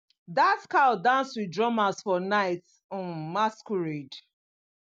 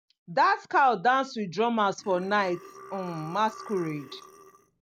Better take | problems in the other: first | background sound (Burping, eructation); 18 dB below the speech

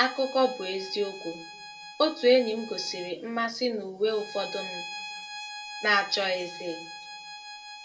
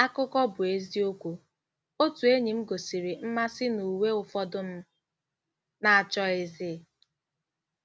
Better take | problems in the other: second | background sound (Bowed string instrument); 13 dB below the speech // room echo; dies away in 0.2 s

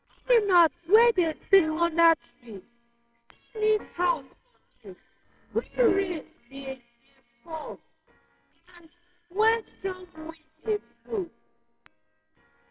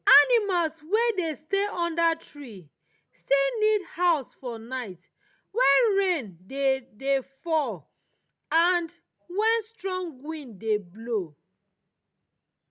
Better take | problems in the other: second | noise reduction (neural separator model SepFormer WHAMR!)

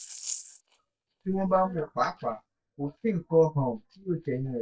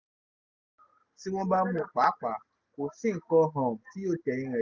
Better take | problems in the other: second | noise reduction (neural mask model DeepFilterNet 3)

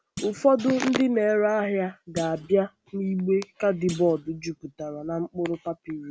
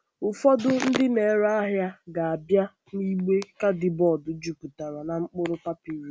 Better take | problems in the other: second | background sound (Thump, thud); 20 dB below the speech

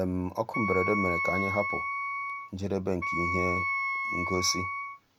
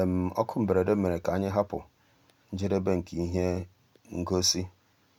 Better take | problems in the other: second | background sound (Wind instrument, woodwind instrument); as loud as the speech

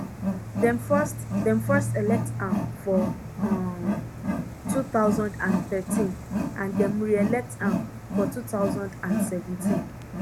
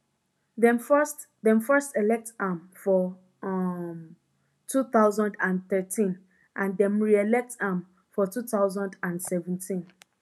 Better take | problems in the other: second | background sound (Wild animals); as loud as the speech

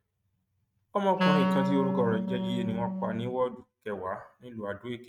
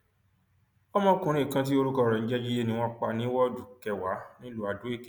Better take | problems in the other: second | noise reduction (neural mask model RNNoise)

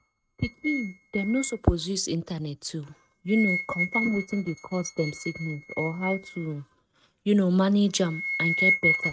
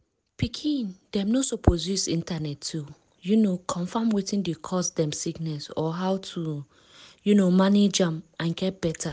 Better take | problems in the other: second | noise reduction (neural mask model RNNoise)

